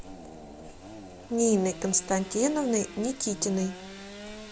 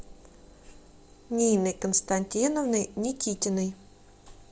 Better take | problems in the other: second | background sound (Sawing / Engine); 15 dB below the speech

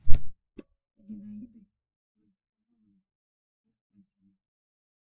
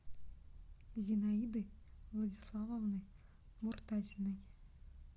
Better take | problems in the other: second | noise reduction (neural mask model DeepFilterNet 3)

